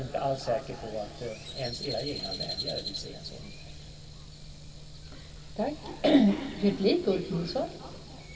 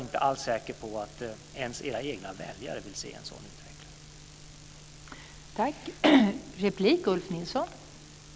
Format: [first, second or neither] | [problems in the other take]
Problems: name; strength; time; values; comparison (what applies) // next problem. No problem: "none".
second | background sound (Crow); 13 dB below the speech // room echo; dies away in 2.9 s